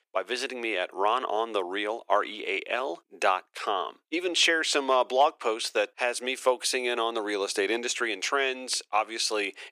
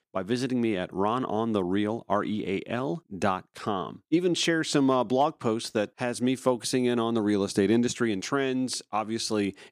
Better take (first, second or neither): second